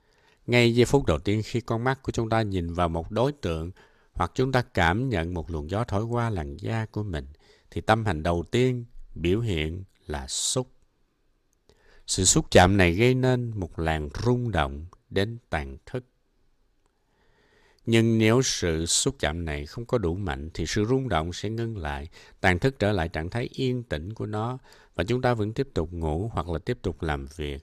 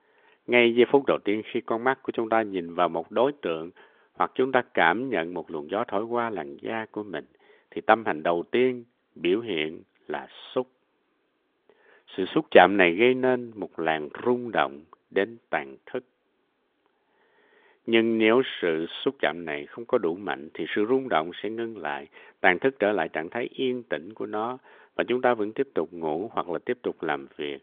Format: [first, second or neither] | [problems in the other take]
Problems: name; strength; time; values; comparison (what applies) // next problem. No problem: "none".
first | phone-call audio; nothing above 3.5 kHz